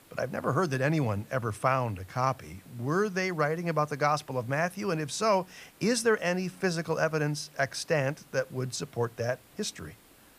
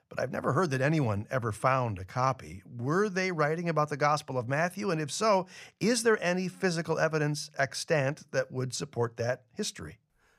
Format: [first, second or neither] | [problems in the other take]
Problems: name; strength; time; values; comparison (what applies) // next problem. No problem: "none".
second | hiss; faint; throughout; 25 dB below the speech